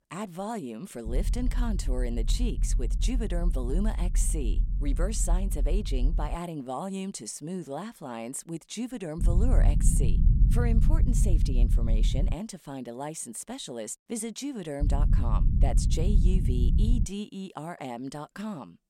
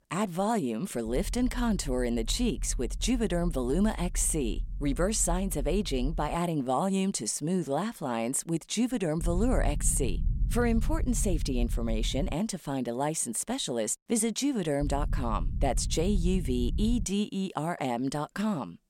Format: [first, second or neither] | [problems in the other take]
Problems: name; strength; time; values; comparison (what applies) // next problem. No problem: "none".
second | low rumble; loud; from 1 to 6.5 s, from 9 to 12 s and from 15 to 17 s; 8 dB below the speech; faint in the second